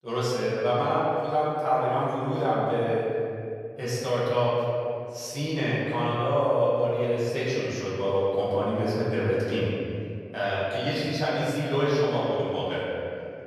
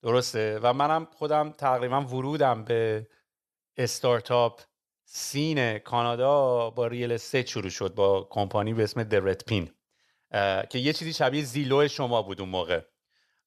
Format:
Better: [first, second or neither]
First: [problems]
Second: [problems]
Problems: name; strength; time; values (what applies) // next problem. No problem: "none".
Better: second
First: off-mic speech; far // room echo; strong; dies away in 2.4 s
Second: none